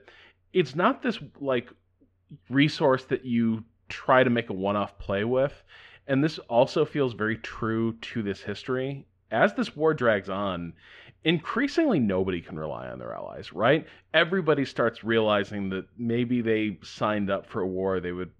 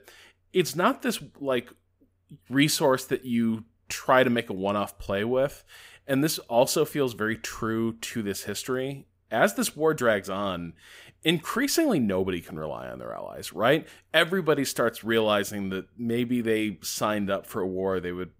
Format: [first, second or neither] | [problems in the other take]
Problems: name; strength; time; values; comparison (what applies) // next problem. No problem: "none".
second | muffled; slightly; fading above 3.5 kHz